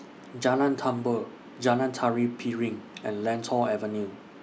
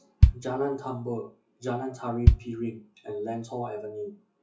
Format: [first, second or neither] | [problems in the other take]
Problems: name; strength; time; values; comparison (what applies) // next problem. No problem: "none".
first | noise reduction (classical method WPE with log-MMSE)